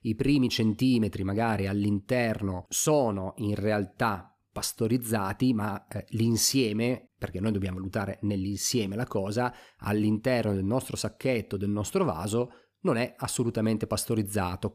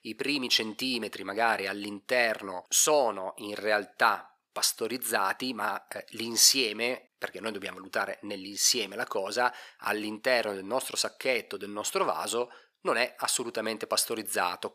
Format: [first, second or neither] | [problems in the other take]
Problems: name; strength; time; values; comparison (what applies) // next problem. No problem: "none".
first | thin; very; fading below 600 Hz